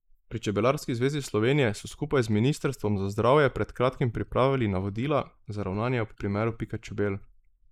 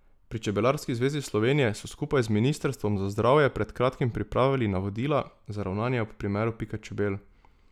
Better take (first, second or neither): second